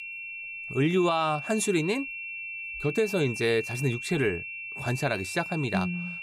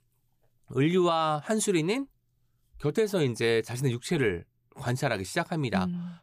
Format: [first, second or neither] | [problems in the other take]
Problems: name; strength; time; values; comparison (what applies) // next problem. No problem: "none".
second | high-pitched whine; loud; throughout; 2.5 kHz, 7 dB below the speech